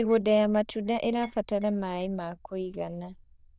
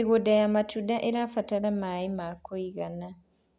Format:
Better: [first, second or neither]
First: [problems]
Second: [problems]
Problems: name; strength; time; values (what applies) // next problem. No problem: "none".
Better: second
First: noise reduction (neural diffusion model UNIVERSE++)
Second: none